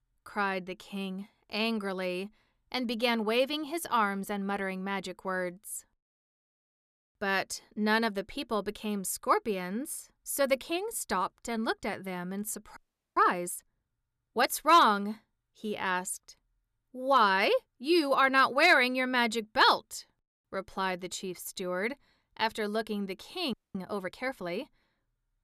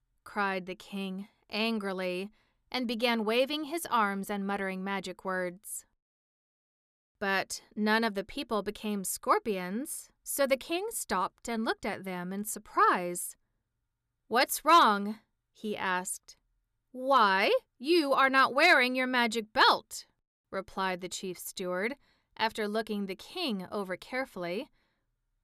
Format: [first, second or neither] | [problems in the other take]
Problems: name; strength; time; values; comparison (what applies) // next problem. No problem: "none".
second | audio freezing; at 13 s and at 24 s